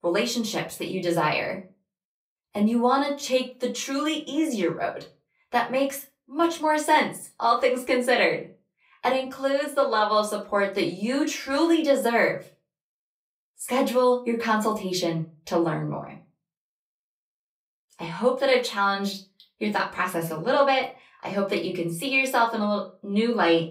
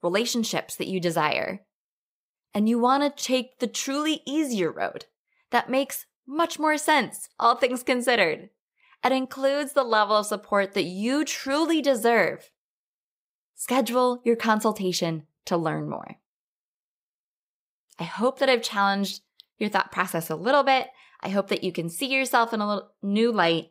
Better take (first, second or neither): second